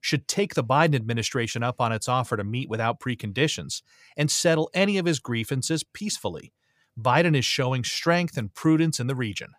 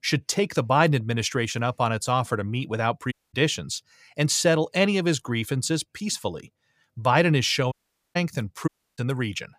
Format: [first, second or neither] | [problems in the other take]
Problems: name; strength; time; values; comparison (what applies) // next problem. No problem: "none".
first | audio cutting out; at 3 s, at 7.5 s and at 8.5 s